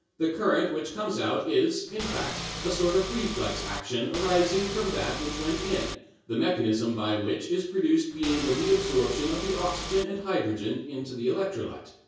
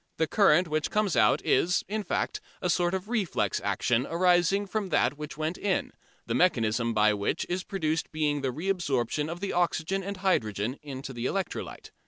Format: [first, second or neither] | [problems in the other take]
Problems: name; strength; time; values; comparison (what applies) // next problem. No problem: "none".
second | background sound (Engine / Car); 7 dB below the speech // room echo; dies away in 0.6 s